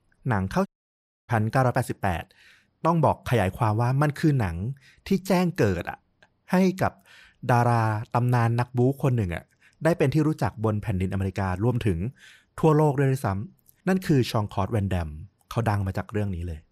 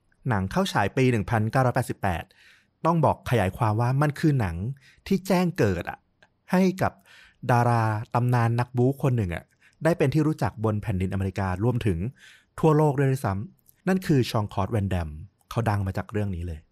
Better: second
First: audio cutting out; at 0.5 s for 0.5 s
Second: none

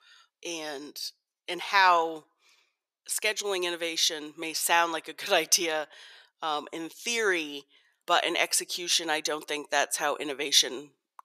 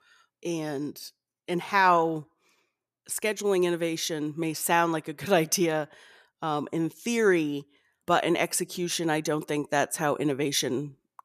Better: second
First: thin; somewhat; fading below 500 Hz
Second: none

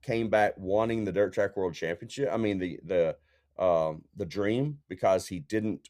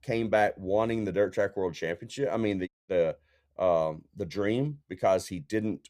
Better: first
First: none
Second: audio cutting out; at 2.5 s

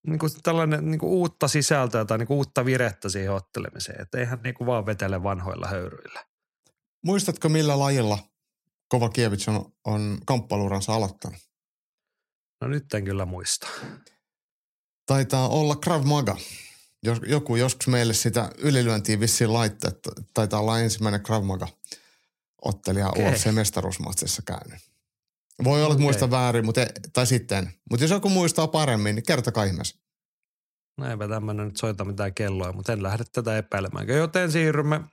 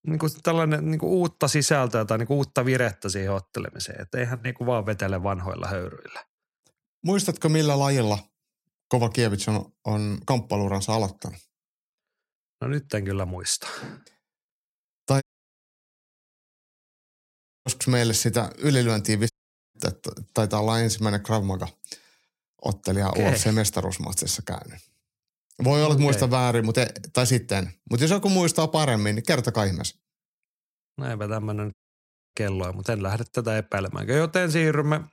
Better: first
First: none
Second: audio cutting out; at 15 s for 2.5 s, at 19 s and at 32 s for 0.5 s

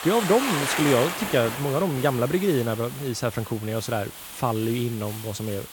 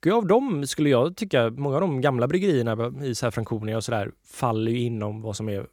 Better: second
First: hiss; loud; throughout; 6 dB below the speech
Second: none

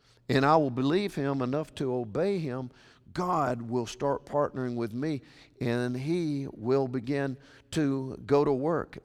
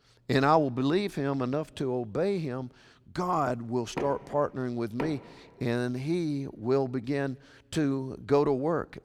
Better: first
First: none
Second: door banging; noticeable; from 4 to 5 s; peak 9 dB below the speech

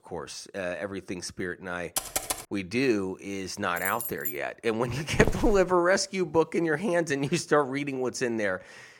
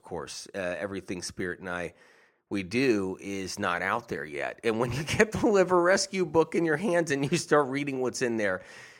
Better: second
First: keyboard typing; noticeable; at 2 s; peak 1 dB below the speech // jangling keys; noticeable; at 4 s; peak 4 dB below the speech // footsteps; noticeable; at 5 s; peak 1 dB below the speech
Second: none

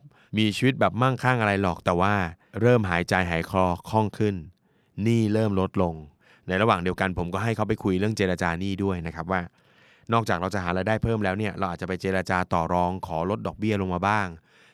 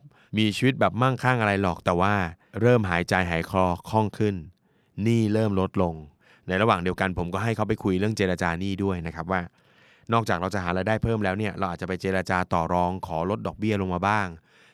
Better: neither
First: none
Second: none

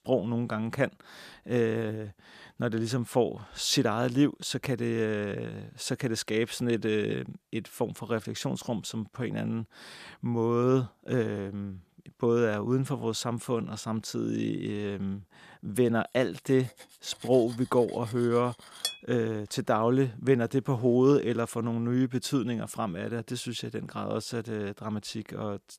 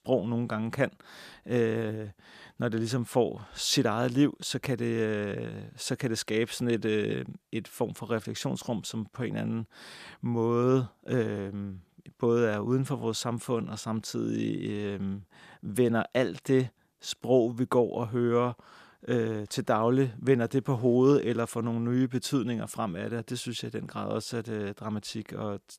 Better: second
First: clattering dishes; noticeable; from 17 to 19 s; peak 4 dB below the speech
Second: none

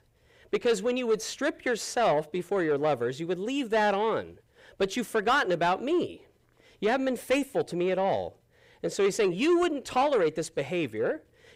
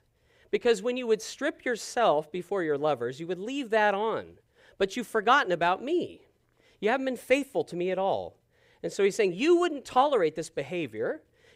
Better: second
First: distortion; slight; 10 dB below the speech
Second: none

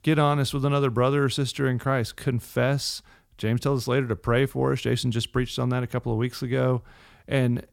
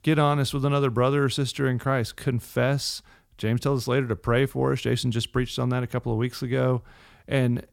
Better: neither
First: none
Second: none

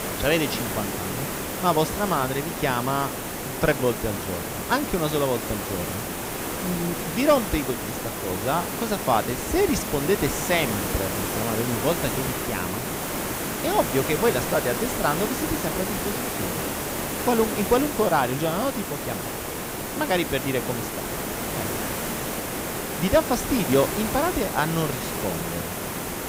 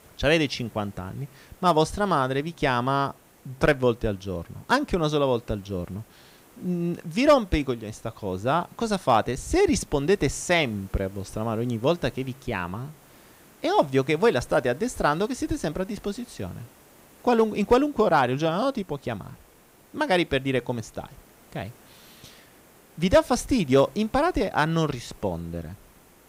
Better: second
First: hiss; loud; throughout; 3 dB below the speech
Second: hiss; faint; throughout; 30 dB below the speech

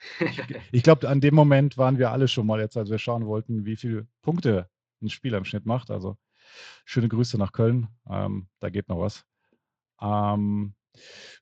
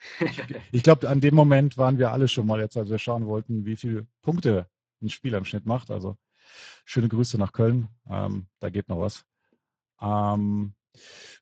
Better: first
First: garbled, watery; slightly; nothing above 7.5 kHz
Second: garbled, watery; badly; nothing above 7.5 kHz

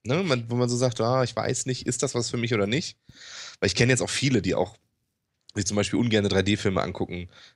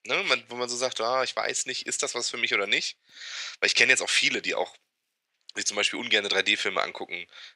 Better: first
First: none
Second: thin; very; fading below 550 Hz

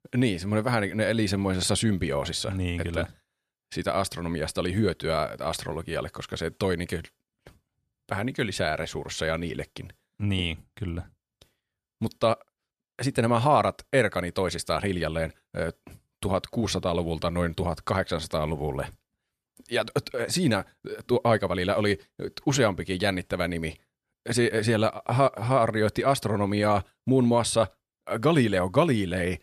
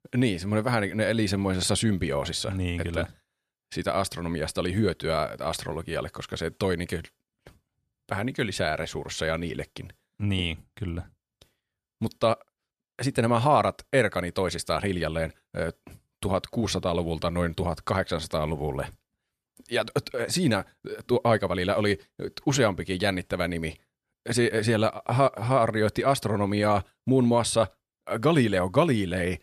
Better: neither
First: none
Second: none

